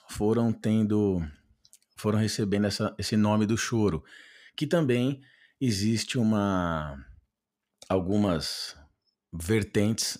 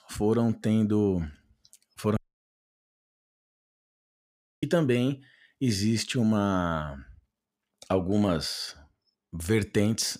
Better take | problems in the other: first | audio cutting out; at 2 s for 2.5 s

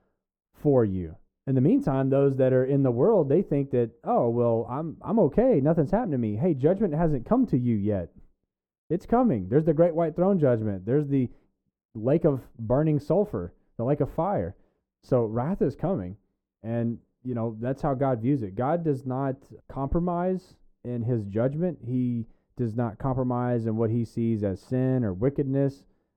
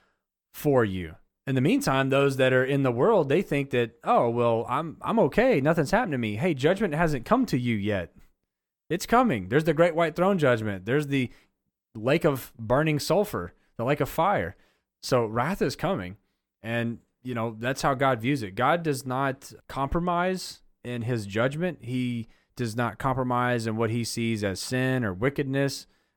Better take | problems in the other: second | muffled; very; fading above 1 kHz

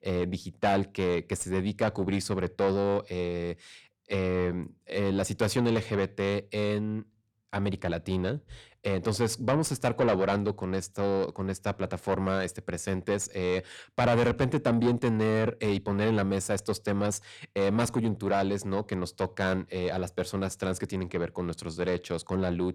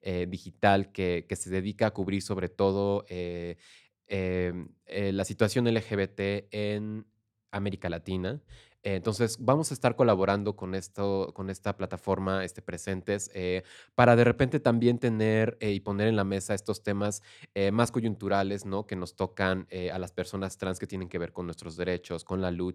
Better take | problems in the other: second | distortion; heavy; 8 dB below the speech

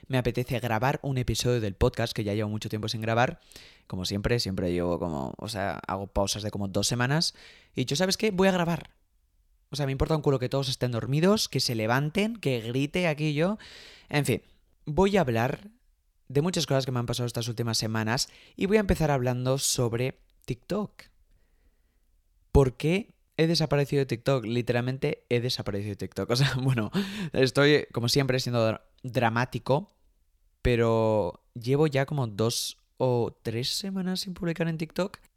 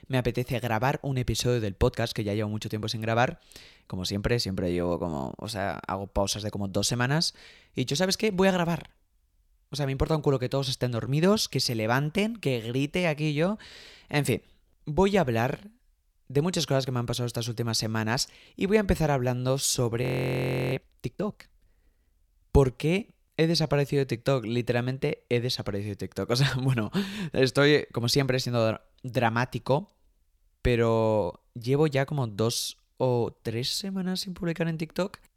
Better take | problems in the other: first | audio freezing; at 20 s for 0.5 s

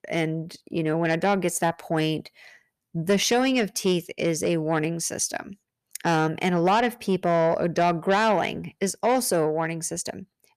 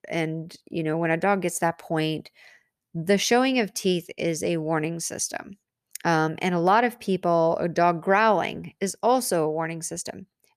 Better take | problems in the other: second | distortion; slight; 10 dB below the speech

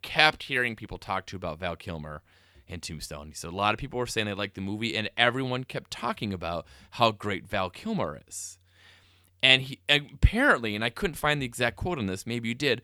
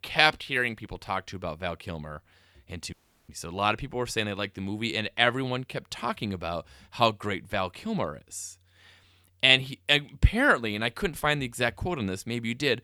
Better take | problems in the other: first | audio cutting out; at 3 s

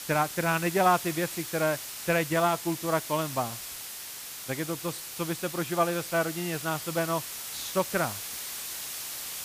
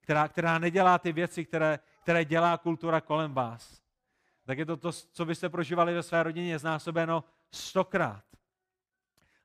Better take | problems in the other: second | hiss; loud; throughout; 7 dB below the speech

